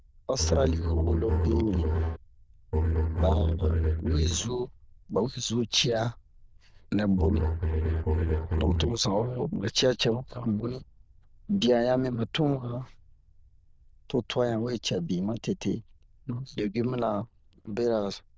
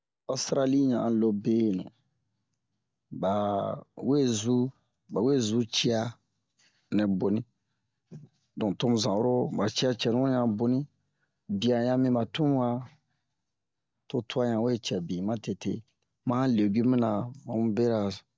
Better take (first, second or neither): second